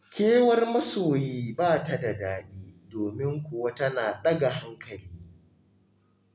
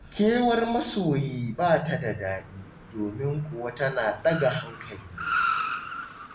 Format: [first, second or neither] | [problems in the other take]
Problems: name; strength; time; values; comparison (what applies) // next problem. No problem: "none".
first | background sound (Car); 8 dB below the speech // room echo; dies away in 0.2 s